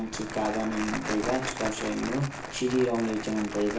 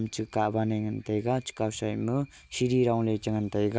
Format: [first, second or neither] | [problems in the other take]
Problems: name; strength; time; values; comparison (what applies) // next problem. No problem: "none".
second | background sound (Crumpling, crinkling); 7 dB below the speech // room echo; dies away in 0.4 s